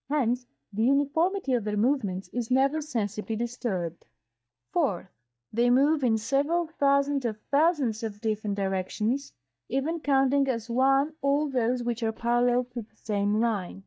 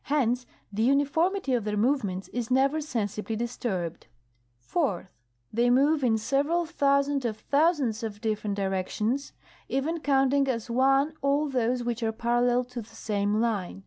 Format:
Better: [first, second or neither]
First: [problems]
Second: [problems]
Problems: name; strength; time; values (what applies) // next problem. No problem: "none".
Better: second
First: noise reduction (neural mask model DeepFilterNet 3)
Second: none